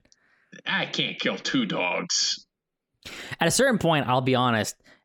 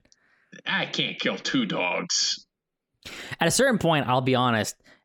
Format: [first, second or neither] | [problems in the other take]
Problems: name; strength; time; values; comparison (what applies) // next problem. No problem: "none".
neither | none